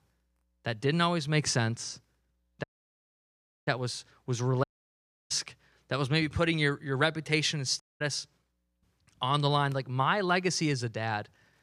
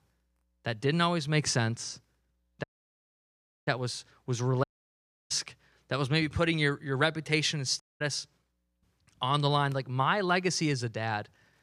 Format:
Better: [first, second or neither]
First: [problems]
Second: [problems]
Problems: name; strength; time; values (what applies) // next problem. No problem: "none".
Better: neither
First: audio cutting out; at 2.5 s for 1 s, at 4.5 s for 0.5 s and at 8 s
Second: audio cutting out; at 2.5 s for 1 s, at 4.5 s for 0.5 s and at 8 s